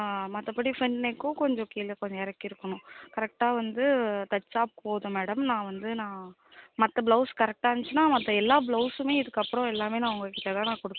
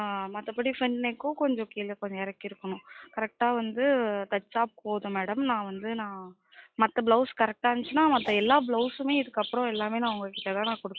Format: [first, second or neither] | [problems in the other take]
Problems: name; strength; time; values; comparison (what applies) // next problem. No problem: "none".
first | noise reduction (classical method log-MMSE)